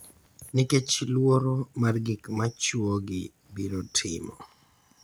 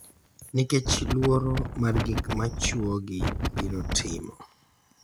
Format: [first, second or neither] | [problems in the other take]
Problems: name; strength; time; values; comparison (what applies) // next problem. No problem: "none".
first | background sound (Wind); 1 dB below the speech